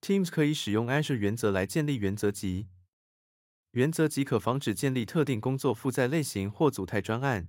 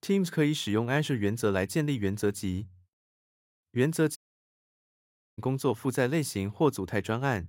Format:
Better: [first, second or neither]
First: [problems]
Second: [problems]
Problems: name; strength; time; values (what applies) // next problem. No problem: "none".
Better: first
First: none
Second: audio cutting out; at 4 s for 1 s